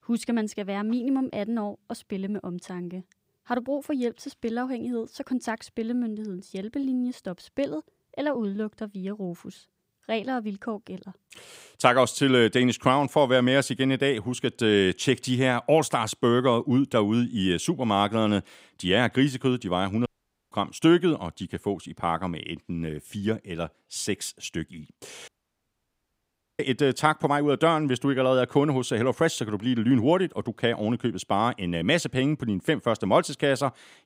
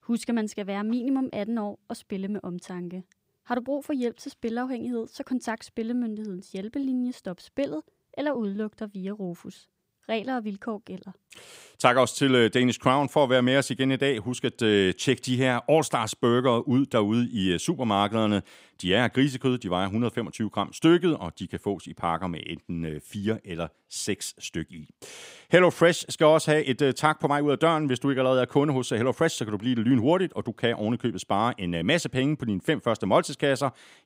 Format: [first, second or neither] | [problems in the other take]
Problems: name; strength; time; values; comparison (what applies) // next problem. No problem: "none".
second | audio cutting out; at 20 s and at 25 s for 1.5 s